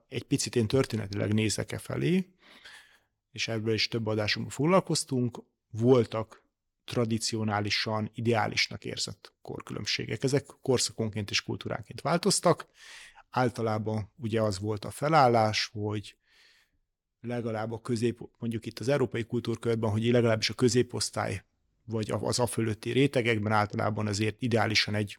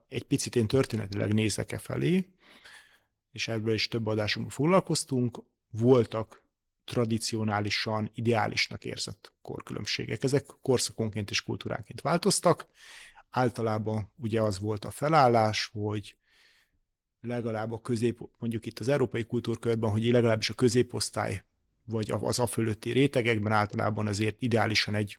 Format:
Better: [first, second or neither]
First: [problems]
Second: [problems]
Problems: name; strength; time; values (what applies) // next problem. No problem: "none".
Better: first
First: none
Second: garbled, watery; slightly; nothing above 17.5 kHz